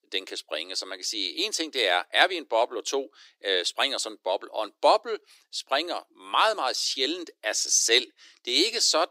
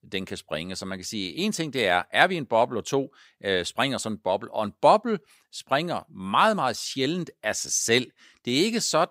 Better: second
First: thin; somewhat; fading below 300 Hz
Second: none

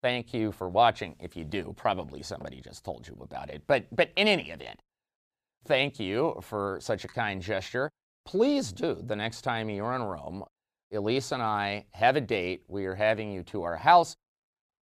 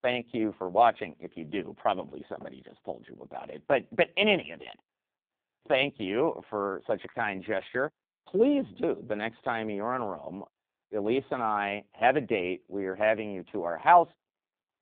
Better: first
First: none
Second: phone-call audio; poor line

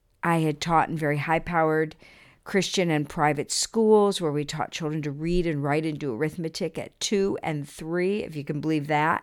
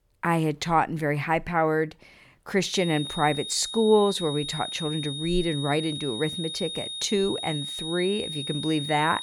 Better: first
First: none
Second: high-pitched whine; loud; from 2.5 s on; 3.5 kHz, 6 dB below the speech

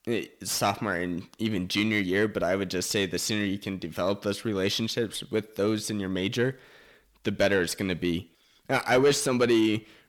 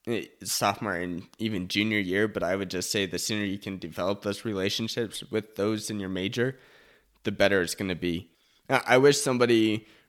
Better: second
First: distortion; slight; 10 dB below the speech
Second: none

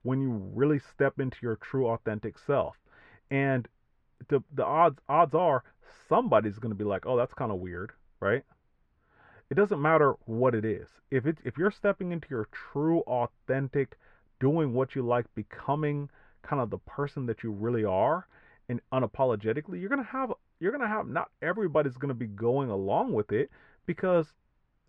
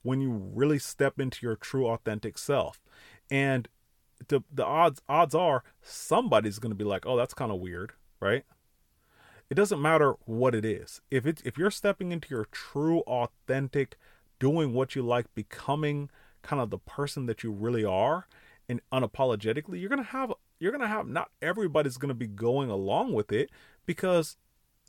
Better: second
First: muffled; very; fading above 1.5 kHz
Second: none

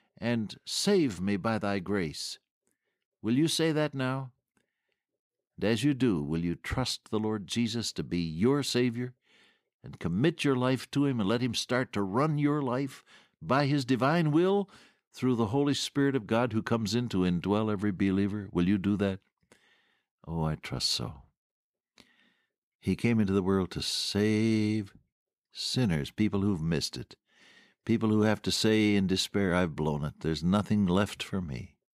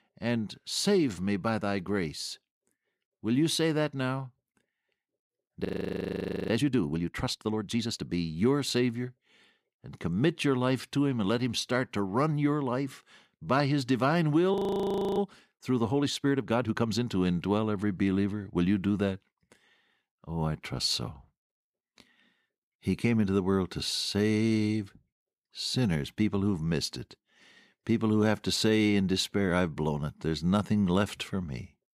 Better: first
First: none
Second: audio freezing; at 5.5 s for 1 s and at 15 s for 0.5 s

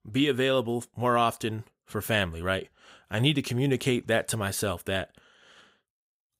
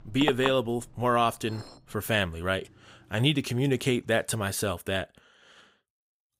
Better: first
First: none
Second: household noises; loud; until 4 s; 9 dB below the speech

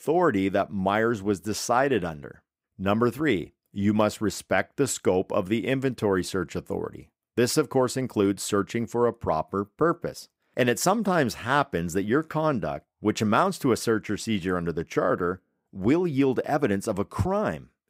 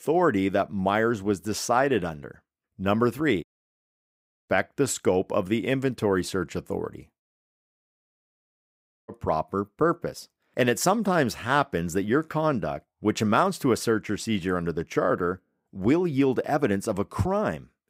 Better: first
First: none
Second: audio cutting out; at 3.5 s for 1 s and at 7 s for 2 s

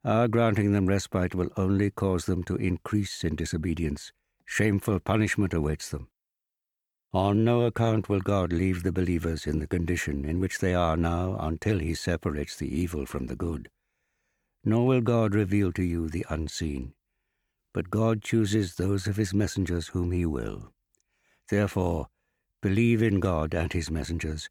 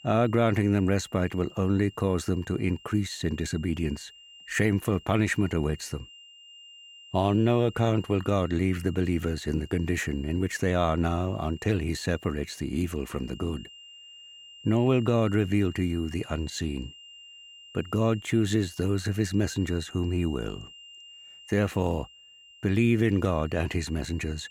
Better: first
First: none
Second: high-pitched whine; faint; throughout; 3 kHz, 20 dB below the speech

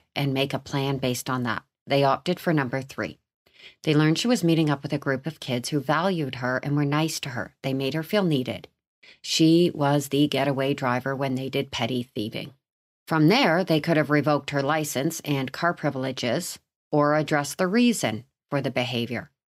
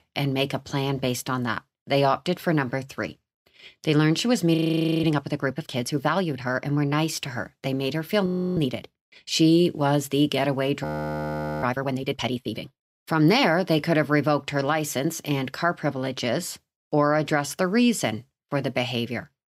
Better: first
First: none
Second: audio freezing; at 4.5 s, at 8.5 s and at 11 s for 1 s

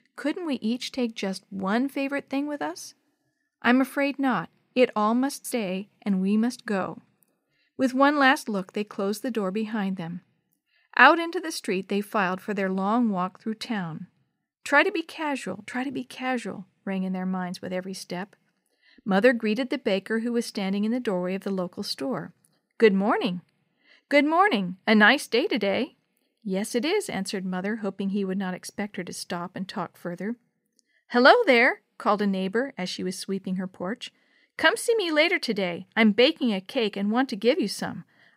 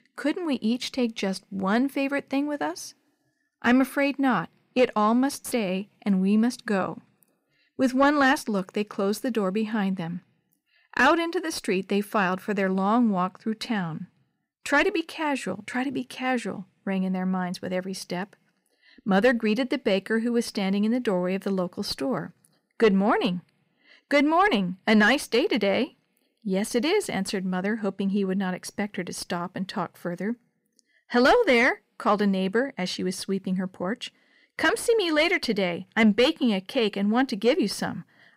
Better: first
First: none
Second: distortion; slight; 10 dB below the speech

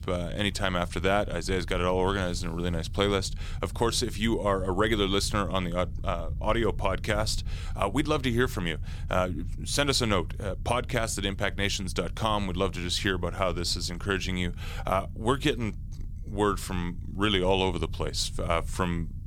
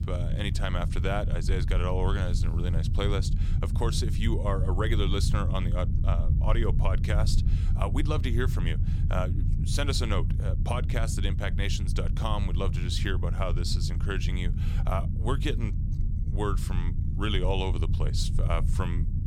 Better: first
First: low rumble; faint; throughout; 25 dB below the speech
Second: low rumble; loud; throughout; 9 dB below the speech

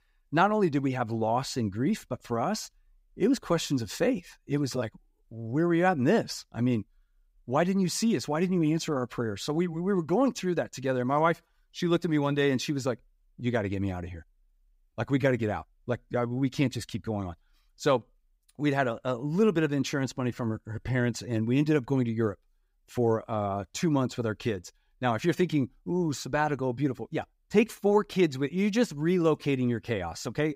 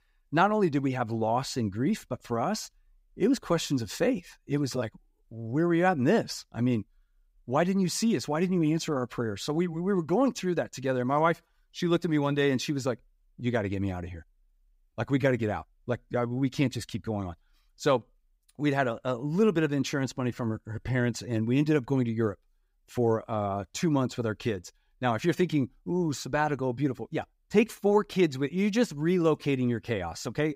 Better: neither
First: none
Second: none

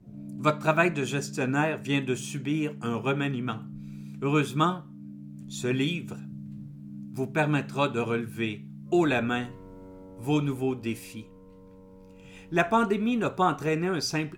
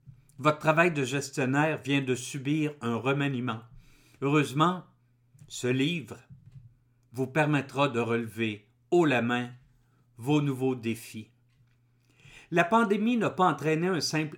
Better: second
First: background music; noticeable; throughout; 15 dB below the speech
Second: none

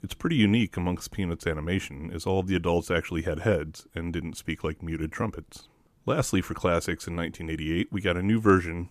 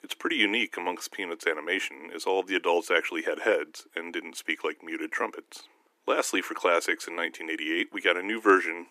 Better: first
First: none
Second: thin; very; fading below 300 Hz

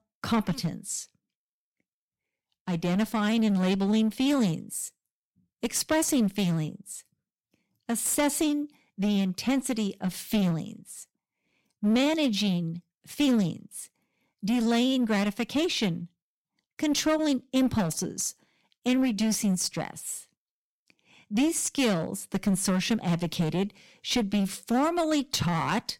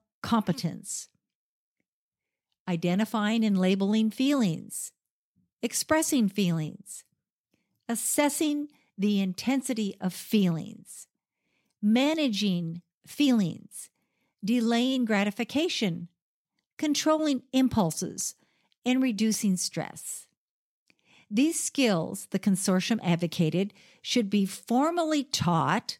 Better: second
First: distortion; slight; 8% of the sound clipped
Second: none

